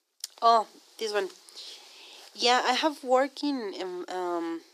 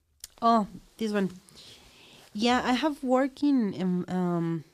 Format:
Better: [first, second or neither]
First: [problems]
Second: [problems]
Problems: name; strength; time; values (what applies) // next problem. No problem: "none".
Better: second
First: thin; somewhat; fading below 300 Hz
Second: none